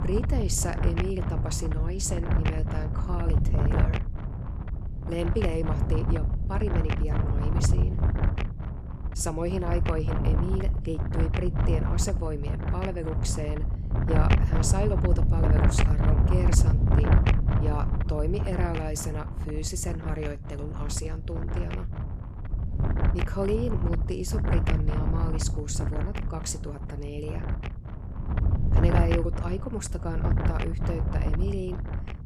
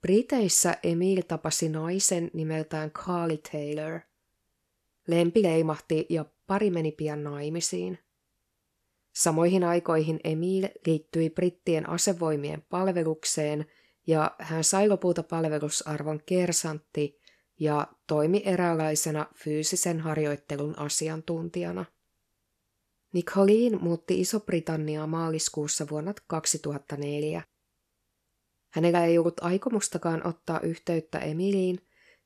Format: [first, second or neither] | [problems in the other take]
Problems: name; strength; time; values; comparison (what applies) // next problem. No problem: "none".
second | wind noise on the microphone; heavy; 2 dB below the speech